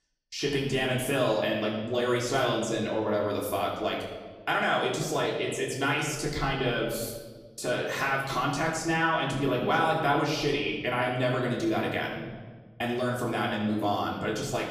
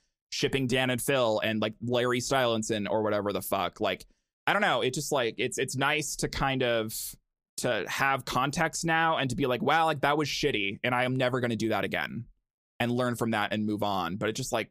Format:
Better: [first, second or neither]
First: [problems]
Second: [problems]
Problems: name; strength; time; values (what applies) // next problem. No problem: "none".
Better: second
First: off-mic speech; far // room echo; noticeable; dies away in 1.2 s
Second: none